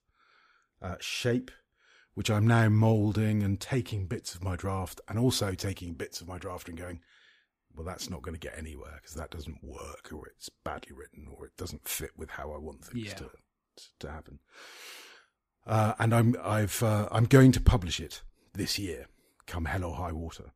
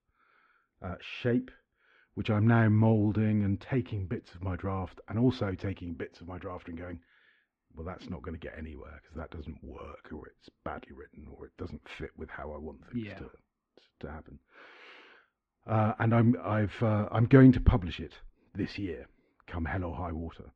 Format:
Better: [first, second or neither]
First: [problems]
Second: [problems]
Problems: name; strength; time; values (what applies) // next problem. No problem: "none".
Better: first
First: none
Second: muffled; very; fading above 2.5 kHz